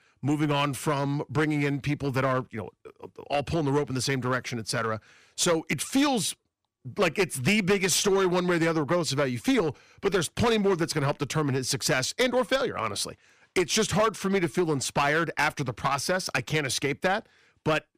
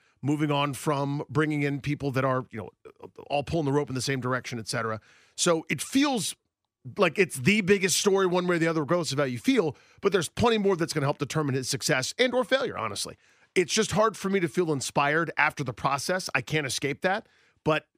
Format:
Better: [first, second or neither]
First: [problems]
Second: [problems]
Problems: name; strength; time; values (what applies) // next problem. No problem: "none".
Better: second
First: distortion; slight; 7% of the sound clipped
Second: none